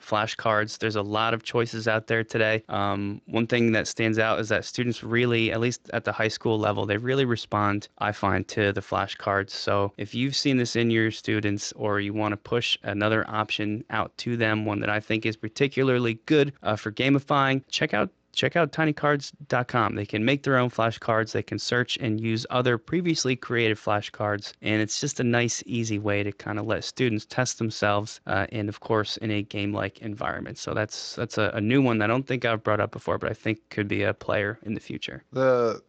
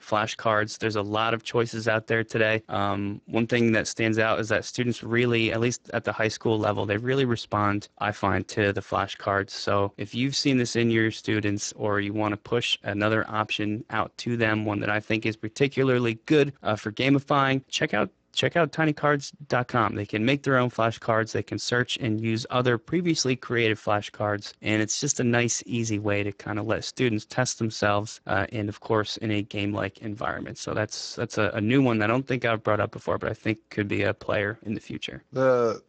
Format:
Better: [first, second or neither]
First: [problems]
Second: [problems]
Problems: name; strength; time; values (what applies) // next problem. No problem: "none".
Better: first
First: garbled, watery; slightly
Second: garbled, watery; badly; nothing above 7.5 kHz